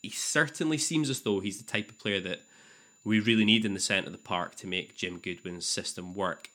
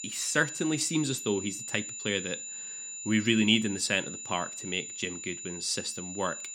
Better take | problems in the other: first | high-pitched whine; loud; throughout; 7 kHz, 8 dB below the speech; faint in the first

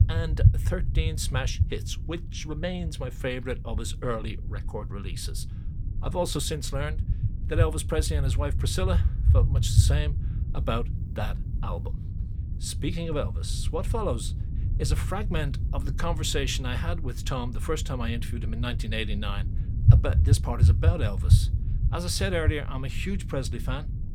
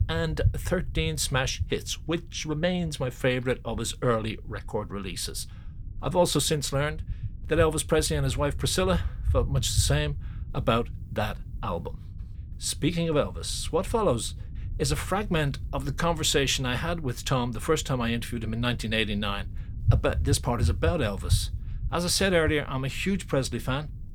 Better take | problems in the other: second | low rumble; loud; throughout; 10 dB below the speech; faint in the second

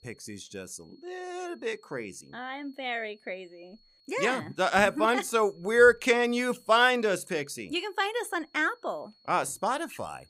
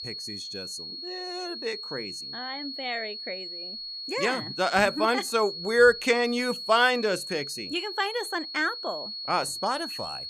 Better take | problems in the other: first | high-pitched whine; loud; throughout; 4.5 kHz, 8 dB below the speech; faint in the first

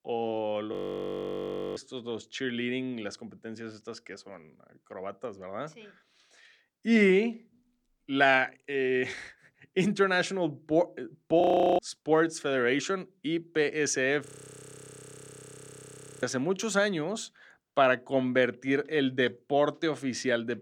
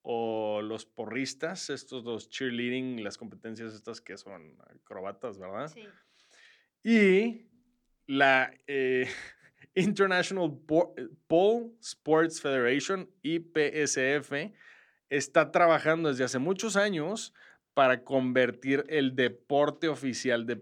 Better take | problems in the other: second | audio freezing; at 0.5 s for 1 s, at 11 s and at 14 s for 2 s

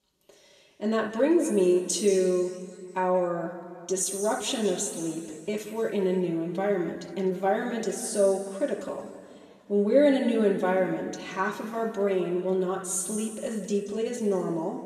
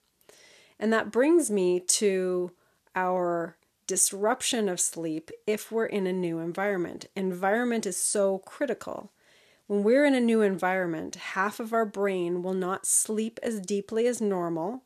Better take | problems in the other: second | room echo; noticeable; dies away in 1.9 s // off-mic speech; far

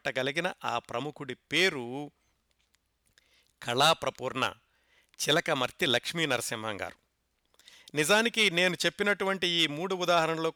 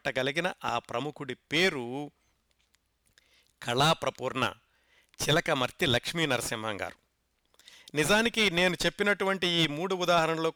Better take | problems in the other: first | distortion; slight; 10 dB below the speech

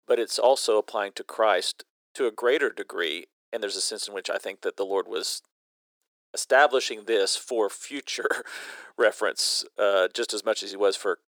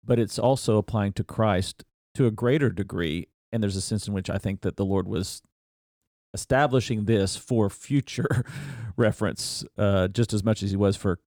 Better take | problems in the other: second | thin; very; fading below 400 Hz

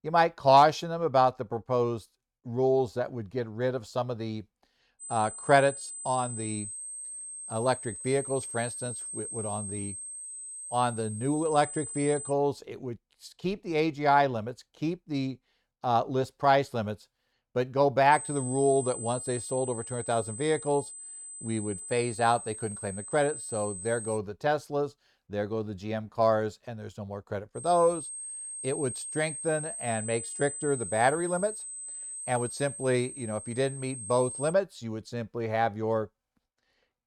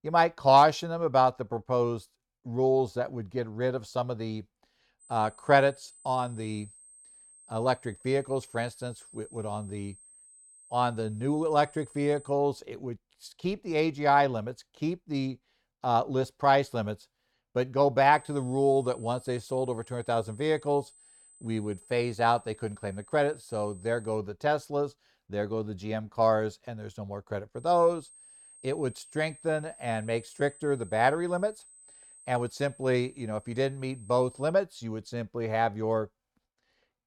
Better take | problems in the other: second | high-pitched whine; loud; from 5 to 12 s, from 18 to 24 s and from 28 to 35 s; 8 kHz, 8 dB below the speech; faint in the second

